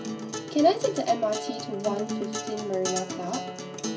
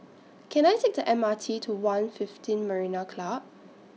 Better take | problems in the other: second | background sound (Acoustic guitar); 5 dB below the speech // room echo; dies away in 0.1 s

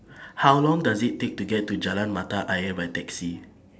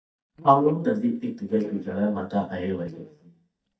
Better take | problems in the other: first | noise reduction (neural mask model DeepFilterNet 3)

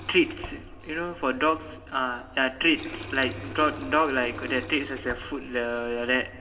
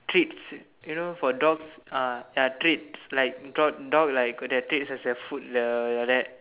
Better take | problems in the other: second | background sound (Water tap, faucet); 13 dB below the speech // room echo; dies away in 1.4 s

